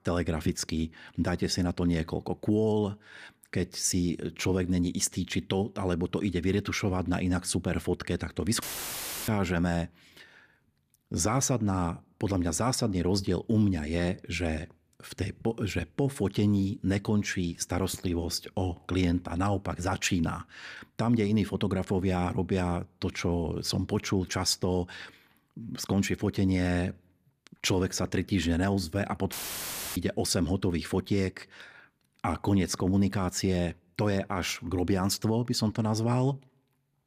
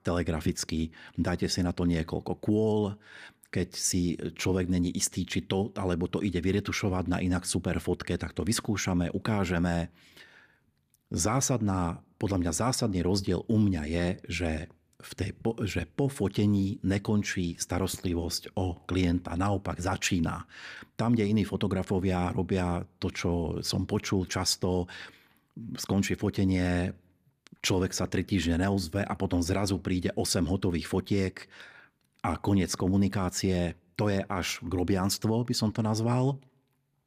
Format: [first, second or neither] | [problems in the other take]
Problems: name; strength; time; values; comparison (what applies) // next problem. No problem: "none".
second | audio cutting out; filled with static; at 8.5 s for 0.5 s and at 29 s for 0.5 s